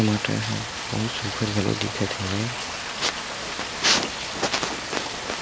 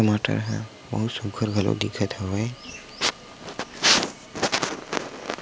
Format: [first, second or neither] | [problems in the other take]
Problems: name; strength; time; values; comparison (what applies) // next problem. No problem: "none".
second | background sound (Rain); 4 dB below the speech